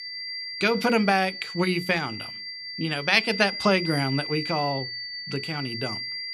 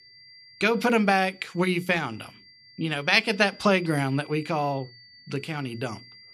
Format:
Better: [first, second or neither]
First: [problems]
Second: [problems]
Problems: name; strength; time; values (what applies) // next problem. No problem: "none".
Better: second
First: high-pitched whine; loud; throughout; 4.5 kHz, 7 dB below the speech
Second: high-pitched whine; faint; throughout; 4.5 kHz, 25 dB below the speech